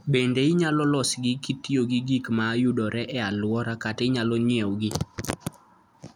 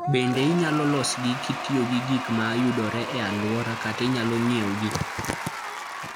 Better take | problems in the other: first | background sound (Applause / Crowd / Cheering); 7 dB below the speech

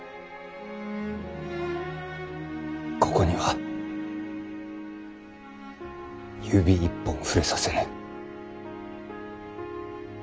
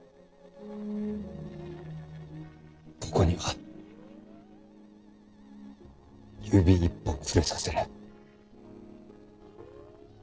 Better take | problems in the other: first | noise reduction (neural separator model SepFormer DNS4)

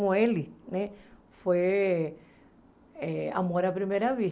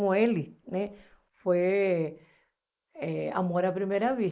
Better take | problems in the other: first | noise reduction (neural mask model Resemble Enhance denoiser)

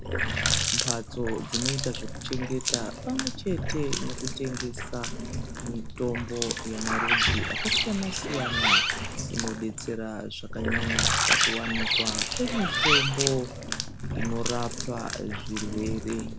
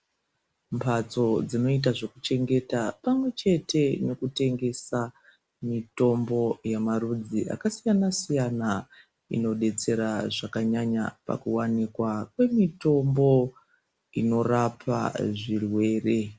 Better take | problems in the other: second | background sound (Water tap, faucet + Bird); 4 dB above the speech

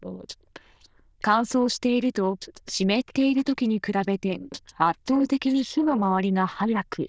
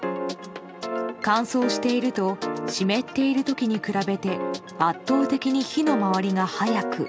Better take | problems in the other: second | noise reduction (neural diffusion model UNIVERSE++)

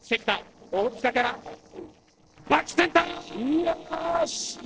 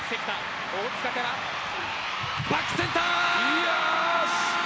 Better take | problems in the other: second | noise reduction (neural separator model SepFormer DNS4)

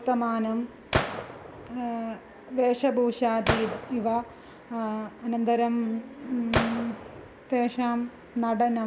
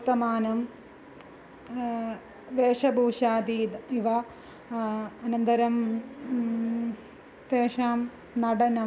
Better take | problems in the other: second | background sound (Gunshot, gunfire); 5 dB below the speech

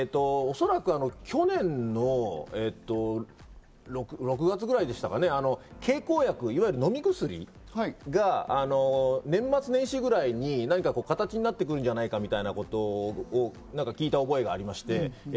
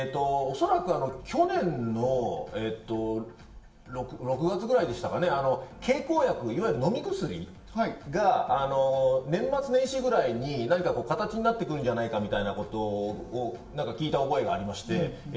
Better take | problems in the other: first | room echo; dies away in 0.6 s

